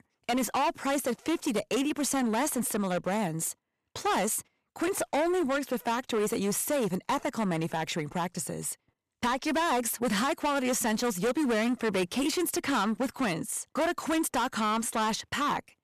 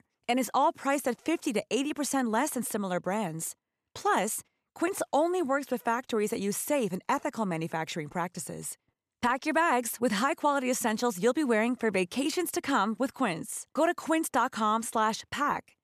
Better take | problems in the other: second | distortion; heavy; 16% of the sound clipped

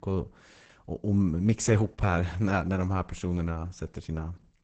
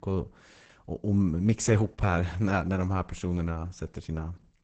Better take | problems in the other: neither | garbled, watery; badly; nothing above 7.5 kHz; the same in both

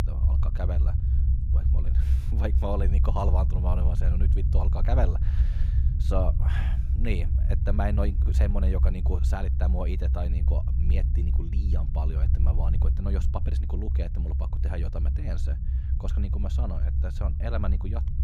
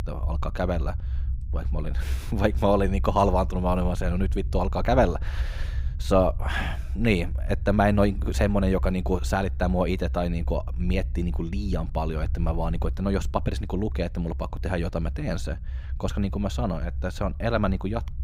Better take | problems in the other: second | low rumble; loud; throughout; 6 dB below the speech; faint in the second

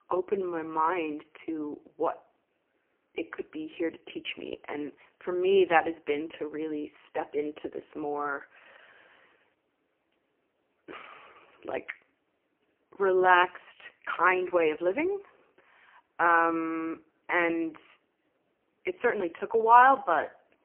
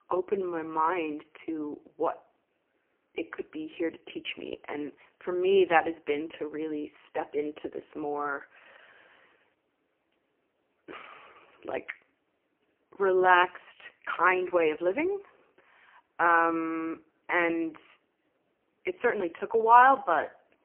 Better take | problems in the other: neither | phone-call audio; poor line; nothing above 3 kHz; the same in both

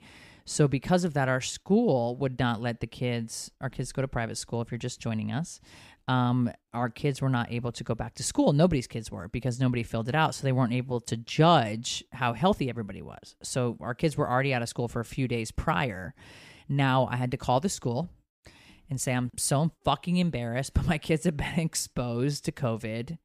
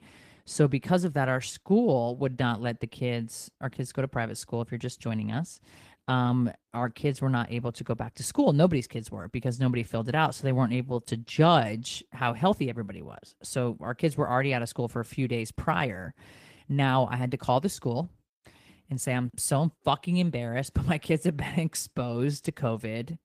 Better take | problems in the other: first | garbled, watery; slightly

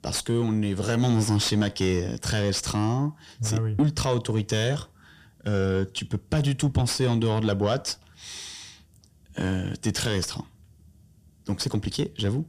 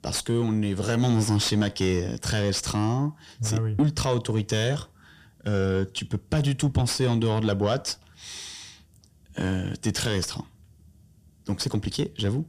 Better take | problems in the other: neither | distortion; slight; 10 dB below the speech; the same in both

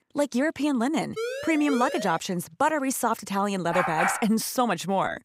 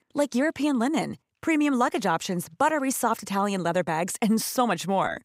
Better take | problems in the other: second | siren; noticeable; from 1 to 2 s; peak 6 dB below the speech // dog barking; loud; at 3.5 s; peak 1 dB above the speech

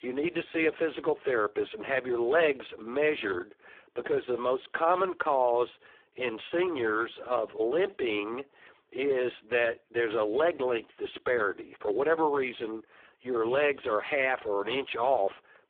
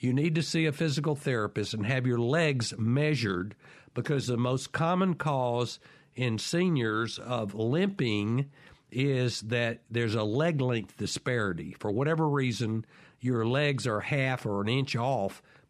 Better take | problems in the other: second | phone-call audio; poor line

